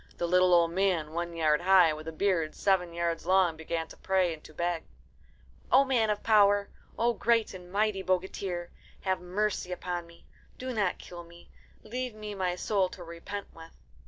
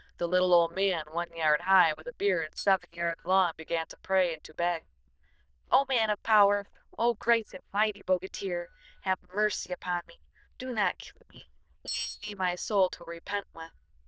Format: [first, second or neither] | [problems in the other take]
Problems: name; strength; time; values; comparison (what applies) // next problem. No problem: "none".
first | noise reduction (neural diffusion model UNIVERSE++)